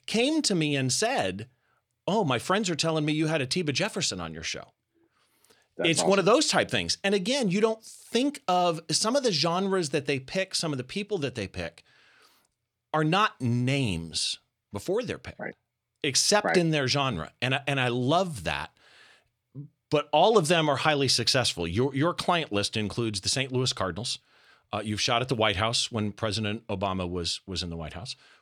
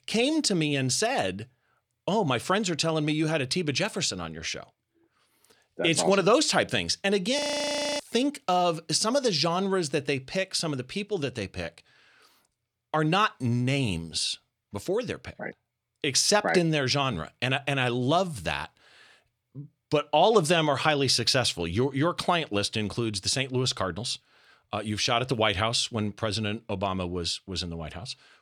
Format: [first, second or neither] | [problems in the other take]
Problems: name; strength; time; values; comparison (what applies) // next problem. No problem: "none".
first | audio freezing; at 7.5 s for 0.5 s